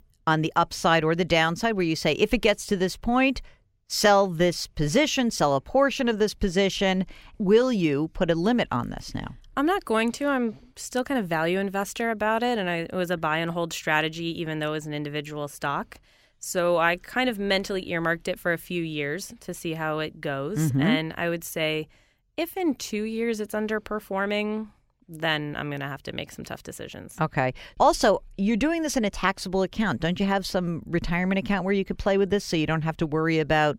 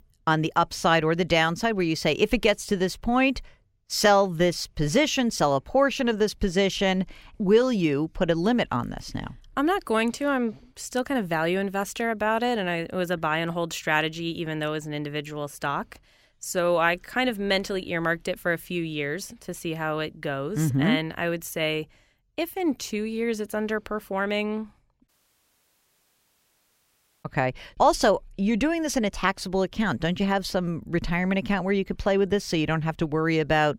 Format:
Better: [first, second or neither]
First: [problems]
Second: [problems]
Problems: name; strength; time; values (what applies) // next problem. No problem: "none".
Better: first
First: none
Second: audio cutting out; at 25 s for 2 s